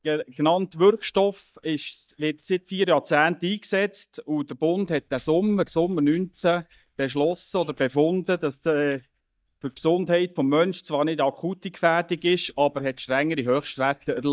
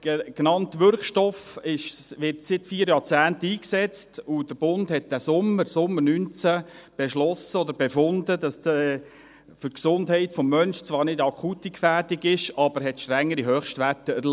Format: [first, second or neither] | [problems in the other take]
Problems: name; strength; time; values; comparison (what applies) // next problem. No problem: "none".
second | noise reduction (neural mask model DeepFilterNet 3)